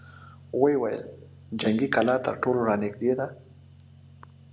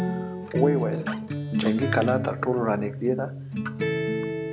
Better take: first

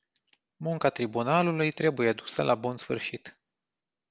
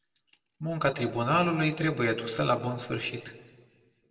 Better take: first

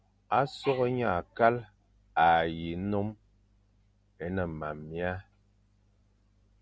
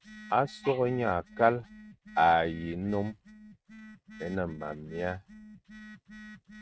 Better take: first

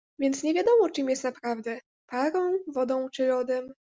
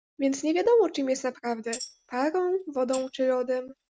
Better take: first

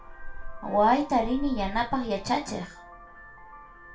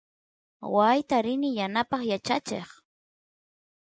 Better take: second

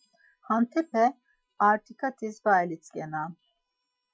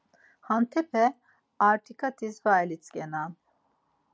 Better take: second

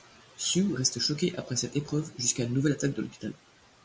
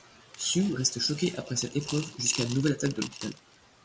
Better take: first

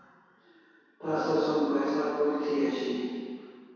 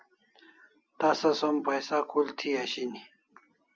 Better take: second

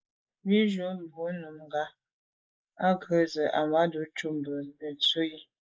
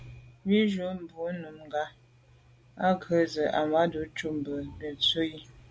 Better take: second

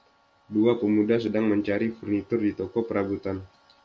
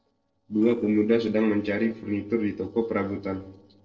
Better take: first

